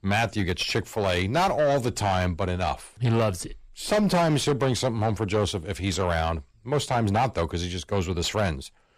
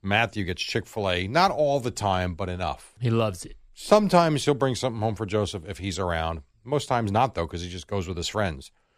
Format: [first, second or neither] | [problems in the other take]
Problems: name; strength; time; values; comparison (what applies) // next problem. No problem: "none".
second | distortion; heavy; 6 dB below the speech